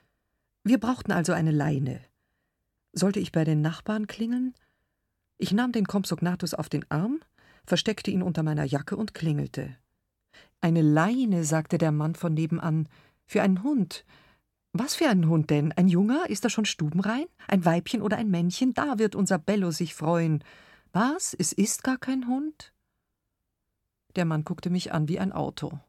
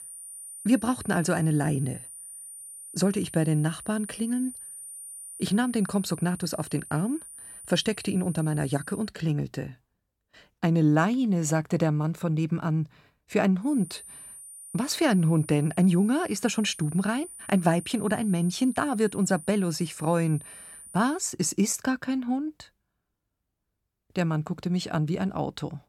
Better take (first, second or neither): first